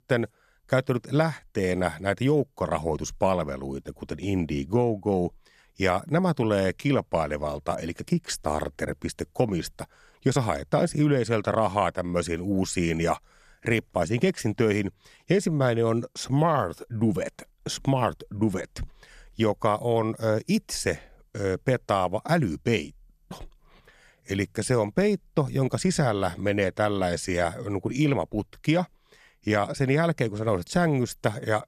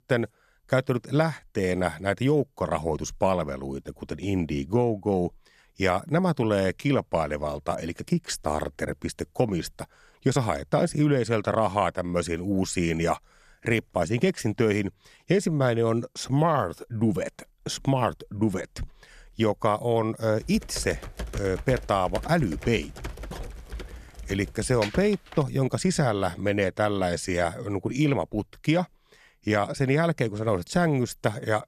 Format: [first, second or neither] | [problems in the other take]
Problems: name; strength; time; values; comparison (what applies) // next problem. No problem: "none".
first | keyboard typing; noticeable; from 20 to 25 s; peak 8 dB below the speech